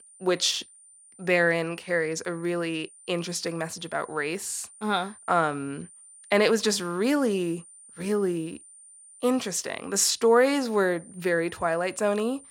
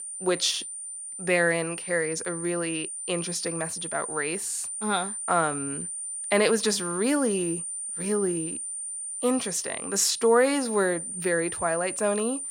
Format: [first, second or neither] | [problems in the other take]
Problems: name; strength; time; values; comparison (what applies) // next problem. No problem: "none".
first | high-pitched whine; loud; throughout; 9 kHz, 5 dB below the speech; faint in the first